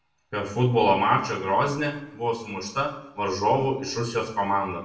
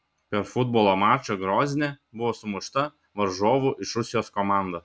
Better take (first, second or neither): second